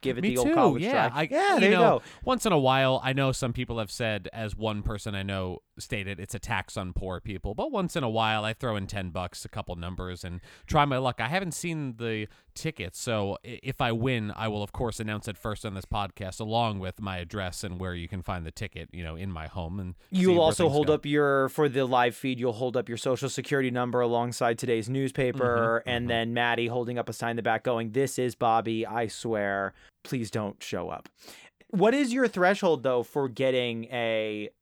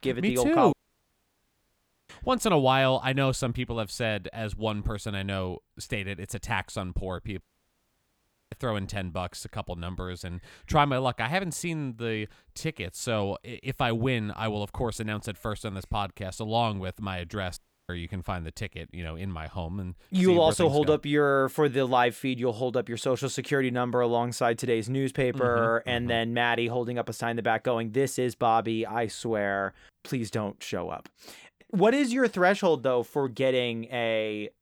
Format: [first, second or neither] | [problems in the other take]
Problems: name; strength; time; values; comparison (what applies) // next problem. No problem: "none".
first | audio cutting out; at 0.5 s for 1.5 s, at 7.5 s for 1 s and at 18 s